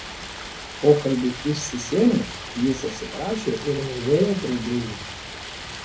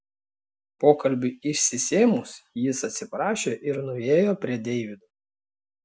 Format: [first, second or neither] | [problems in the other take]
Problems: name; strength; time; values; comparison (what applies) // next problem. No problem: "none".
second | background sound (Stream); 11 dB below the speech // room echo; dies away in 0.4 s